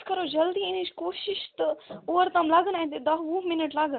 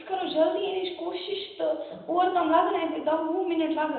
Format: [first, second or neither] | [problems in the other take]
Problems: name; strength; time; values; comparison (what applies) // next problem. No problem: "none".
first | room echo; dies away in 0.9 s